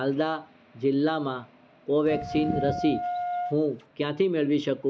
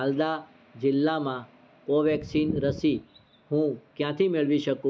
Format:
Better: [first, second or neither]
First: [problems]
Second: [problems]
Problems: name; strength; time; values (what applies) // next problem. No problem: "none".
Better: second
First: background sound (Wind instrument, woodwind instrument); 7 dB below the speech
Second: none